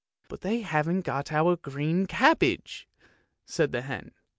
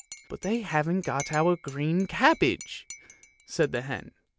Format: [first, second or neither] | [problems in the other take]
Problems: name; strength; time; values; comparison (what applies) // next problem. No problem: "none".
first | background sound (Cutlery, silverware / Dishes, pots, and pans / Chink, clink); 18 dB below the speech